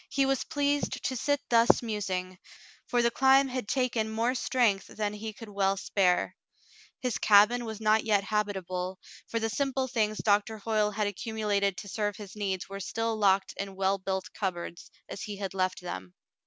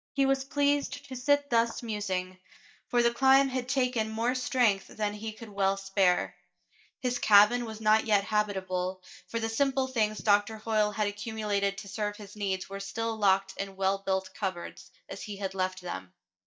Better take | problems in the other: first | noise reduction (neural mask model DeepFilterNet 3)

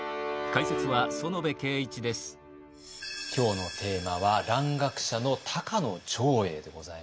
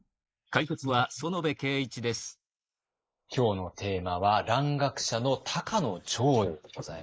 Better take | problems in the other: first | noise reduction (neural mask model Resemble Enhance denoiser)

